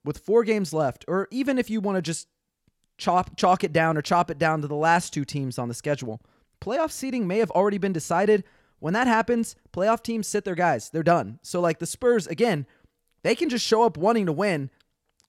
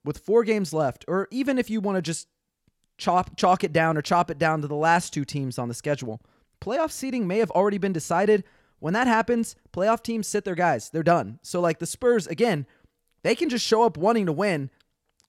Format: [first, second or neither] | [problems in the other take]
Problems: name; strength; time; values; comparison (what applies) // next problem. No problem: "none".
neither | none